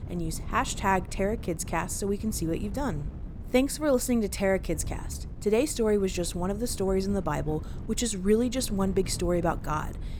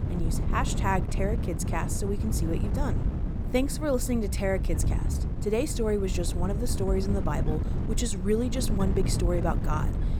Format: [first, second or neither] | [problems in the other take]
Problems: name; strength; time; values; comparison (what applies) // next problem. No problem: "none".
first | wind noise on the microphone; heavy; 9 dB below the speech; occasional gusts in the first